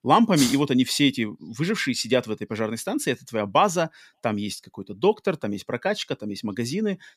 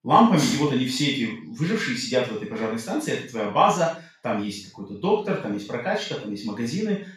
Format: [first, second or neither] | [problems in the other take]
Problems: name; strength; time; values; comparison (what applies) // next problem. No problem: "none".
first | room echo; noticeable; dies away in 0.4 s // off-mic speech; far